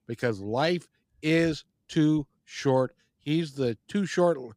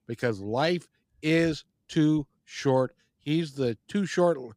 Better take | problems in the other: neither | none

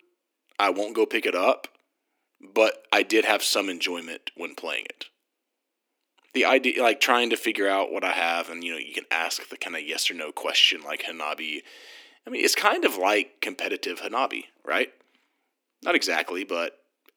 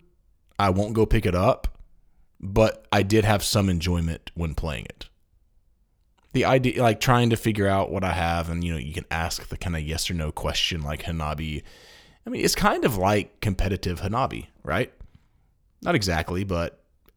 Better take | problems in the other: second | thin; somewhat; fading below 250 Hz

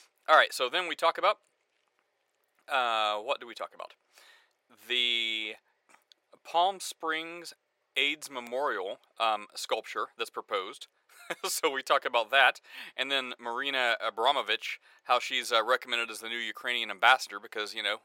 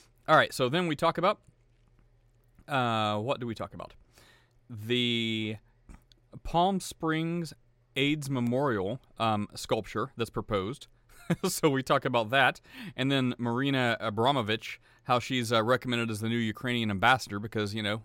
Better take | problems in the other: second | thin; very; fading below 500 Hz

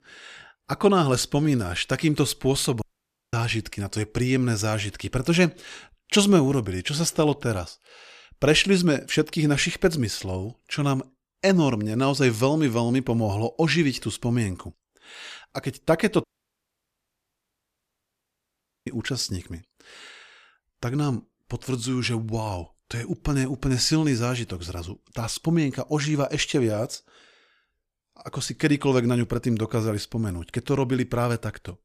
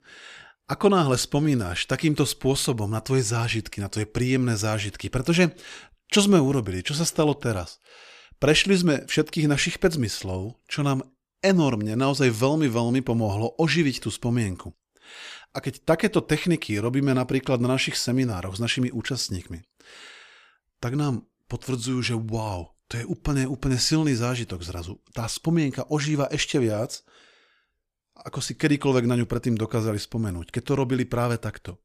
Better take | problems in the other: second | audio cutting out; at 3 s for 0.5 s and at 16 s for 2.5 s

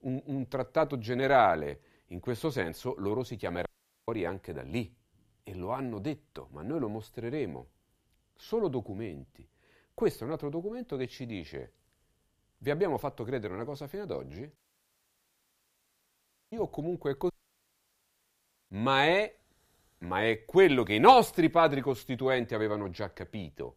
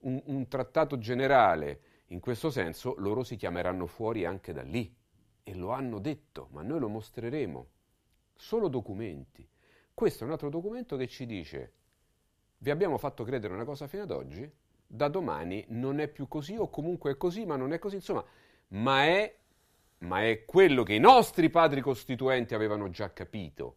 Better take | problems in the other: second | audio cutting out; at 3.5 s, at 15 s for 2 s and at 17 s for 1.5 s

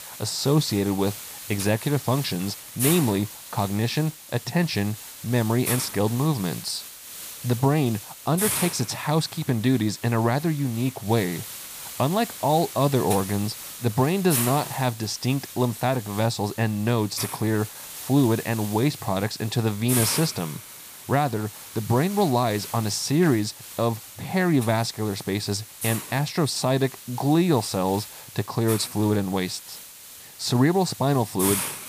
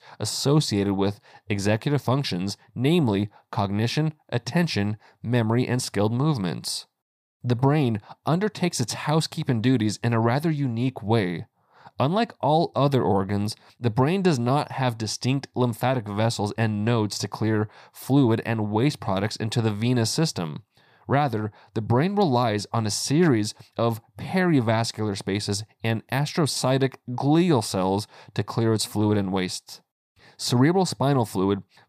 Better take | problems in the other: second | hiss; loud; throughout; 9 dB below the speech

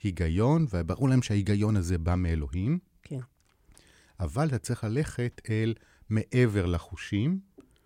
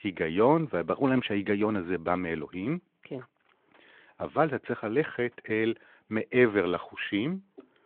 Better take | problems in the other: first | phone-call audio

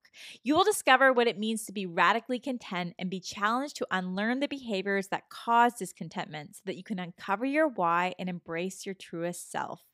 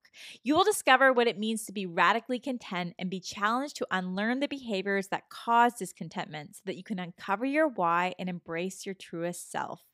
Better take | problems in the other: neither | none

